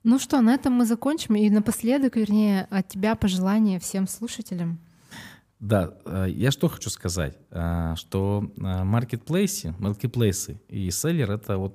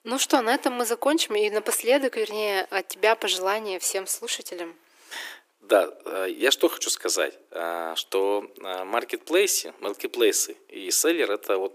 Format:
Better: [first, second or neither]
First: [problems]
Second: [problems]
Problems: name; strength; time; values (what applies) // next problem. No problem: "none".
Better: first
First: none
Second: thin; very; fading below 300 Hz